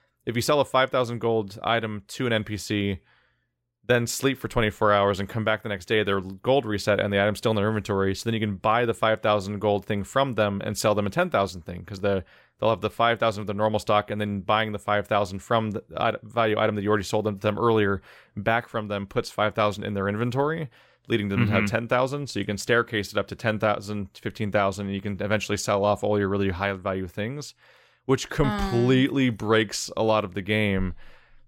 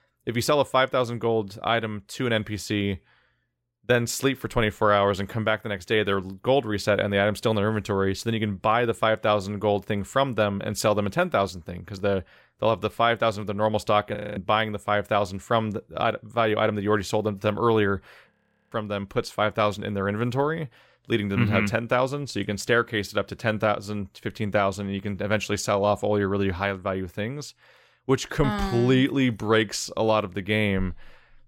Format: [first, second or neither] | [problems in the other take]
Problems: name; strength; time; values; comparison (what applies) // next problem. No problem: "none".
first | audio freezing; at 14 s and at 18 s